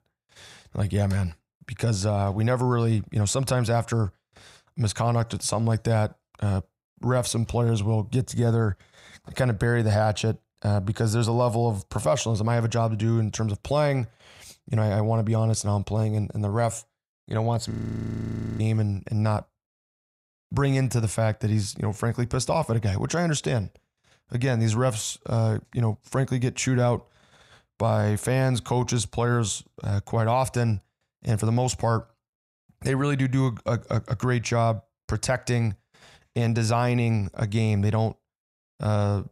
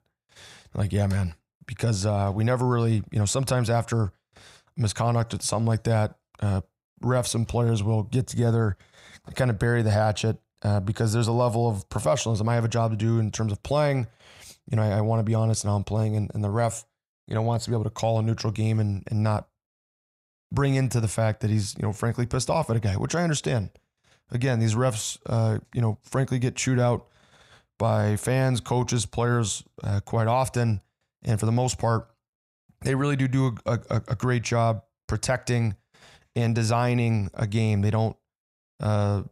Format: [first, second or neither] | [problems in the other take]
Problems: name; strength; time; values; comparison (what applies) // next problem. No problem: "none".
second | audio freezing; at 18 s for 1 s